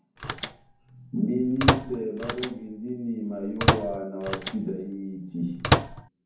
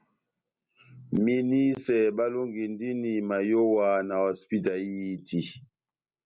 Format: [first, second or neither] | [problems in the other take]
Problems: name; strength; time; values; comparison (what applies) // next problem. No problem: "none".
second | background sound (Microwave oven); 2 dB above the speech // room echo; dies away in 0.9 s